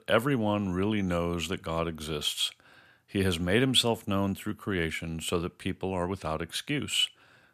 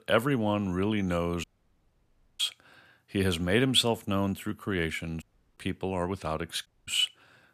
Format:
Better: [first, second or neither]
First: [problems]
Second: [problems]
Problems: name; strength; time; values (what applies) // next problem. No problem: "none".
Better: first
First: none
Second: audio cutting out; at 1.5 s for 1 s, at 5 s and at 6.5 s